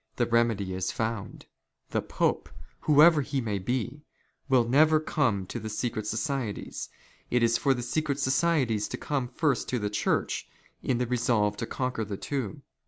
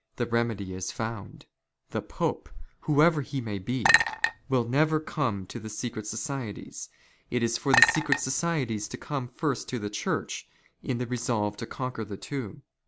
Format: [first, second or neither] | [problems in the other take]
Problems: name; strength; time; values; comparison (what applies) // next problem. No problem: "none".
first | background sound (Chink, clink); 2 dB above the speech